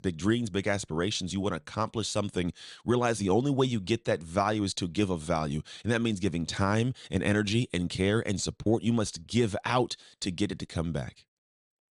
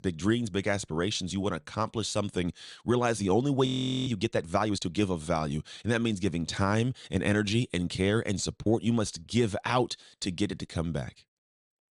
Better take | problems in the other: first | audio freezing; at 3.5 s

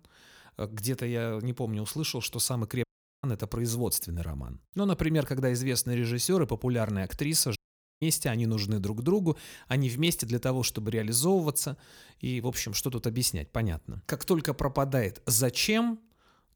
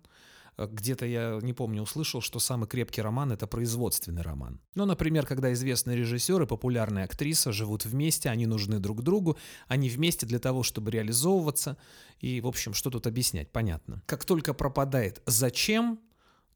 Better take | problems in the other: second | audio cutting out; at 3 s and at 7.5 s

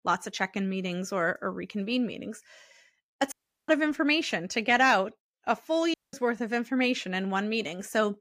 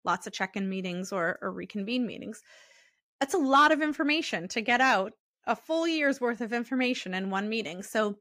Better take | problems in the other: second | audio cutting out; at 3.5 s and at 6 s

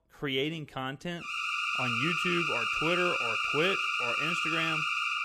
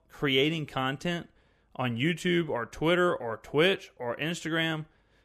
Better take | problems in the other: second | alarm; loud; from 1 s on; peak 6 dB above the speech

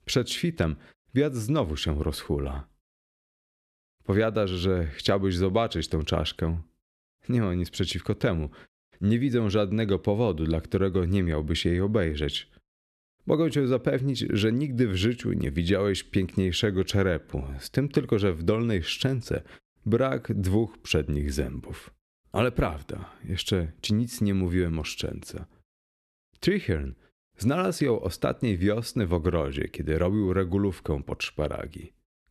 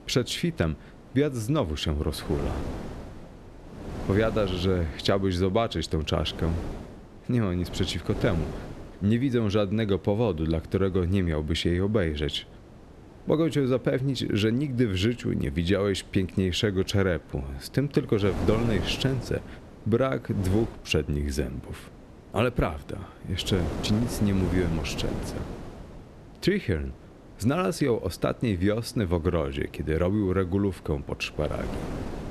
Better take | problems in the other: first | wind noise on the microphone; occasional gusts; 15 dB below the speech

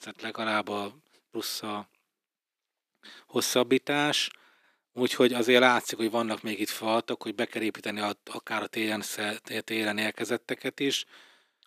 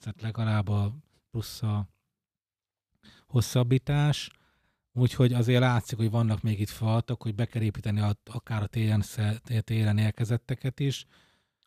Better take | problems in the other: second | thin; very; fading below 300 Hz

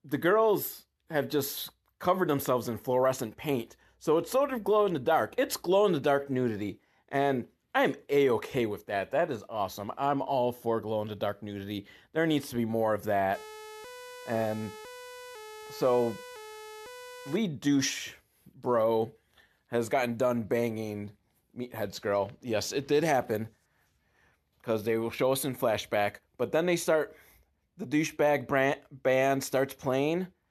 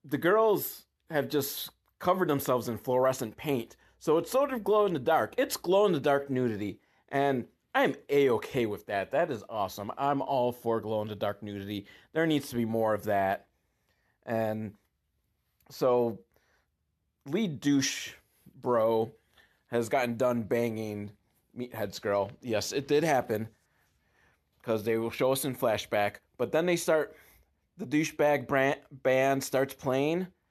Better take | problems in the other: second | siren; faint; from 13 to 17 s; peak 15 dB below the speech

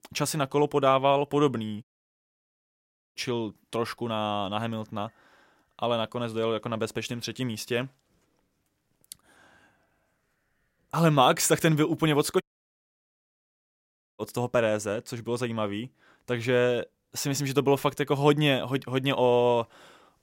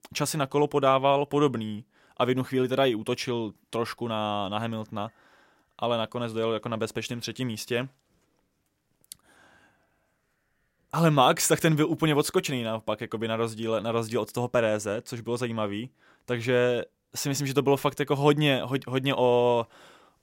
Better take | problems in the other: second | audio cutting out; at 2 s for 1.5 s and at 12 s for 2 s

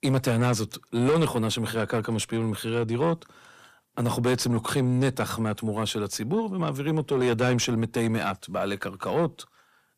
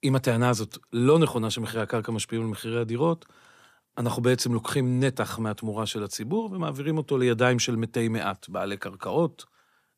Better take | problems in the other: second | distortion; slight; 10 dB below the speech

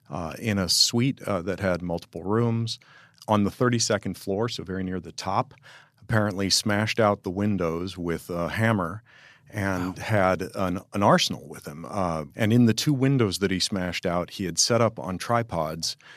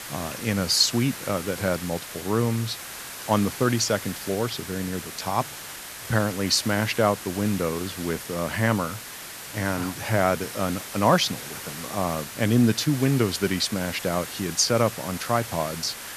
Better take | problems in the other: first | hiss; noticeable; throughout; 10 dB below the speech

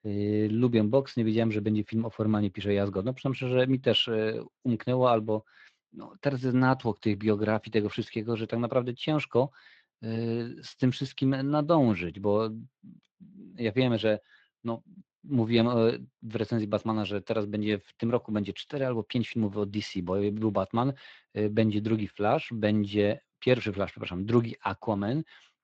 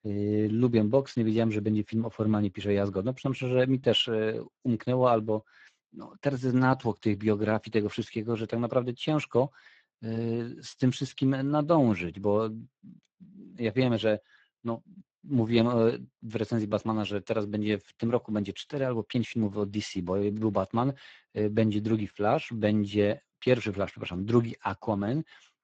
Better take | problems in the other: first | garbled, watery; badly; nothing above 7.5 kHz; slightly in the first

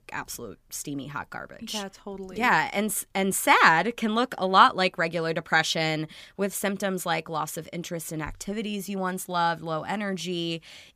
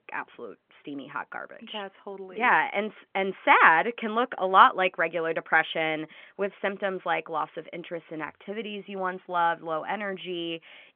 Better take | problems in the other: first | phone-call audio; nothing above 3.5 kHz

